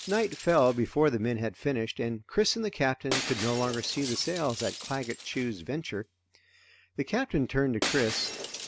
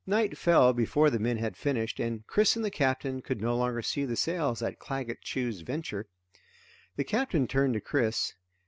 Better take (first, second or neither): second